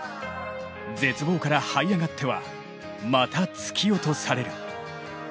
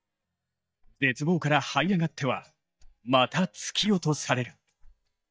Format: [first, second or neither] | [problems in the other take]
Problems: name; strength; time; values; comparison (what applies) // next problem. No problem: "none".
first | noise reduction (neural mask model DeepFilterNet 3)